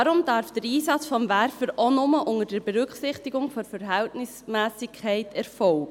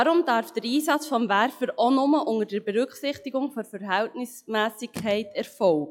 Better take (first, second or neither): first